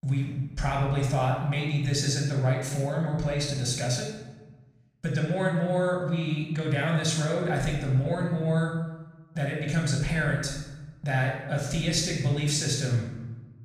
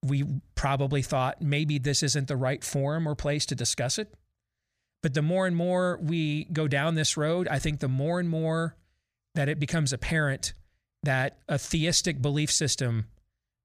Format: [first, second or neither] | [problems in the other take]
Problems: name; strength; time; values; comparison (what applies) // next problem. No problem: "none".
second | off-mic speech; far // room echo; noticeable; dies away in 0.9 s